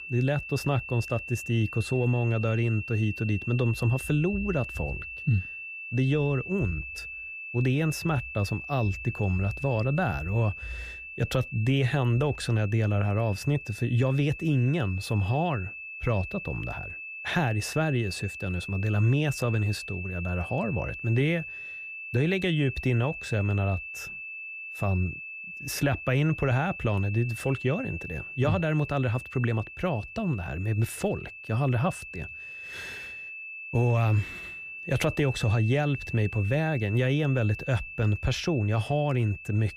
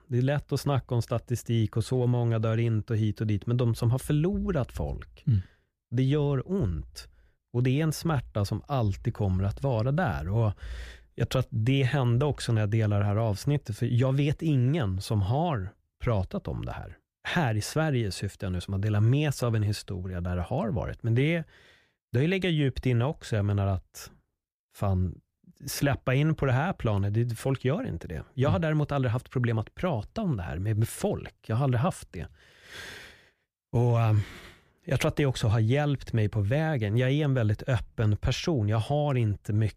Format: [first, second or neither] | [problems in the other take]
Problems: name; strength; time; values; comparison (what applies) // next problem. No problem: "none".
second | high-pitched whine; loud; throughout; 2.5 kHz, 10 dB below the speech